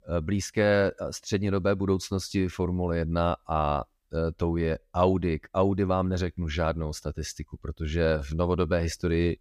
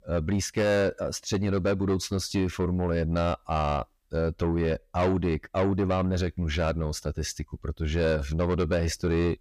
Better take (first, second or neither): first